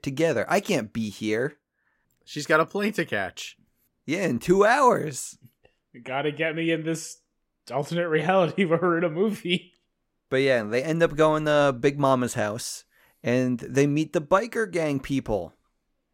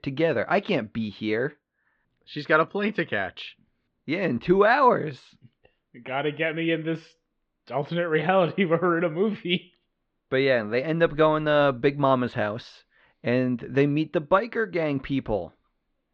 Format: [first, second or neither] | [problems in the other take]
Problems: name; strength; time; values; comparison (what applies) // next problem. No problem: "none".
first | muffled; slightly; fading above 4 kHz